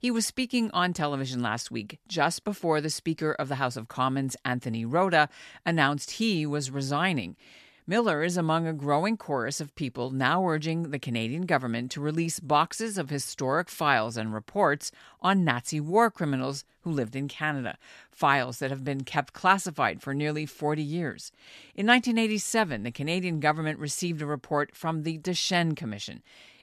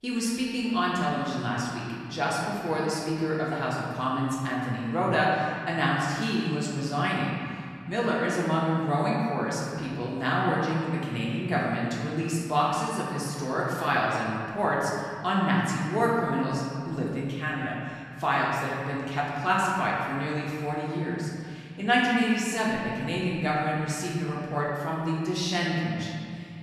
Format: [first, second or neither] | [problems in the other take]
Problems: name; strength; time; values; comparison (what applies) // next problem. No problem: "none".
first | room echo; noticeable; dies away in 2.3 s // off-mic speech; far